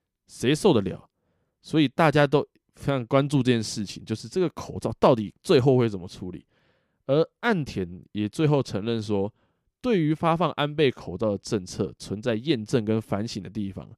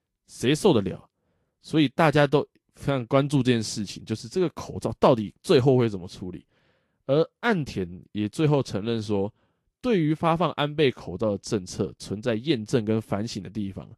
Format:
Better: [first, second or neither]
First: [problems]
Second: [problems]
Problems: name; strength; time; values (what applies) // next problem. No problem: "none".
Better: first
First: none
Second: garbled, watery; slightly; nothing above 11.5 kHz